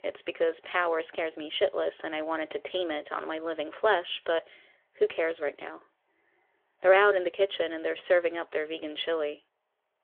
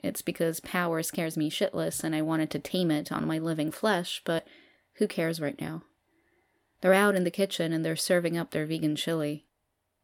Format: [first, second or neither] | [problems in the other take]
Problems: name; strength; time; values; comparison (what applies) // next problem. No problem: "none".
second | phone-call audio; nothing above 3.5 kHz